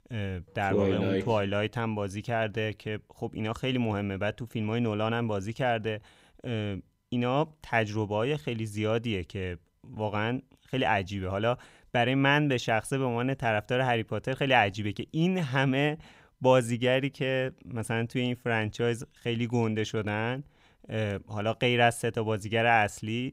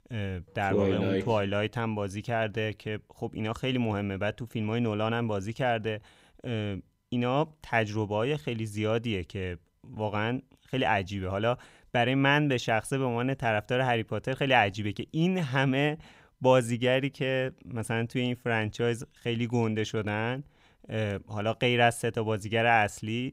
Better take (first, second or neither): neither